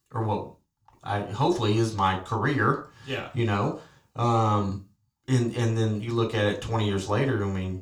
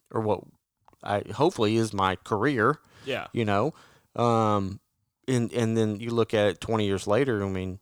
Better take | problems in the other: second | room echo; slight; dies away in 0.3 s // off-mic speech; far

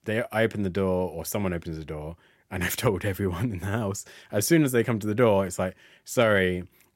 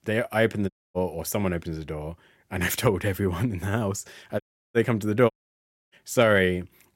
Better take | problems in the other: first | audio cutting out; at 0.5 s, at 4.5 s and at 5.5 s for 0.5 s

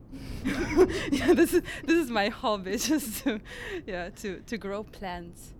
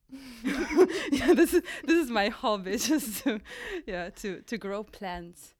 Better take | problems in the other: second | wind noise on the microphone; occasional gusts; 25 dB below the speech

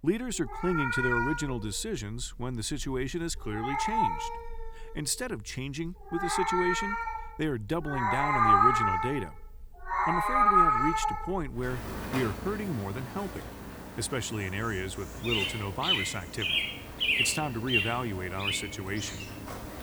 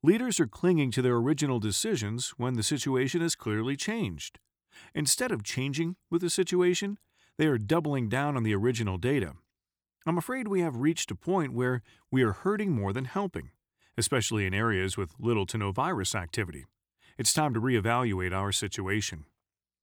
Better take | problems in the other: second | animal sounds; very loud; throughout; 5 dB above the speech

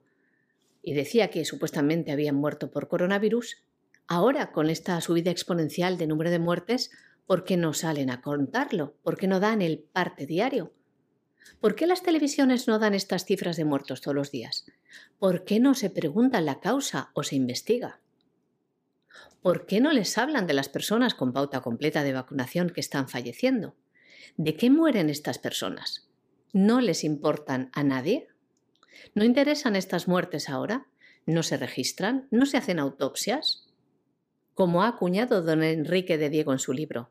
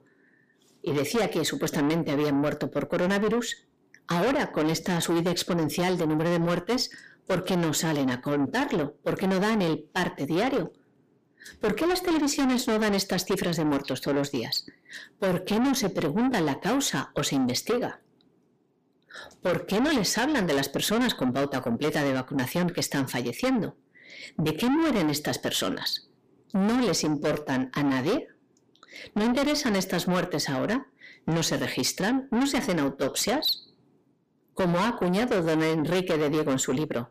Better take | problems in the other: first | distortion; heavy; 6 dB below the speech

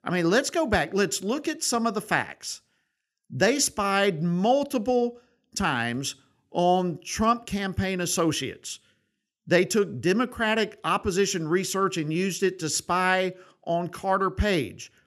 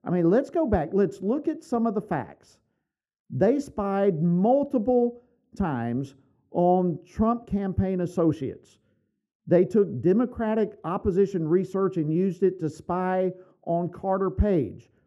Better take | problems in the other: first | muffled; very; fading above 1.5 kHz

